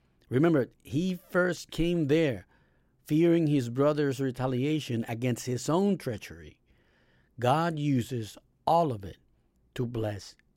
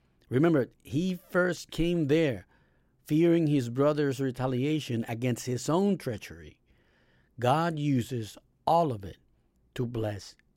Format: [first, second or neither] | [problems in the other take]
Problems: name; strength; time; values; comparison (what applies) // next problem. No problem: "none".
neither | none